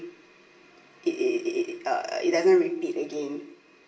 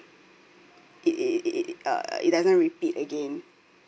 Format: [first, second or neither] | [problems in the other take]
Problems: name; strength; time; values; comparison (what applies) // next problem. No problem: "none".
second | room echo; dies away in 0.7 s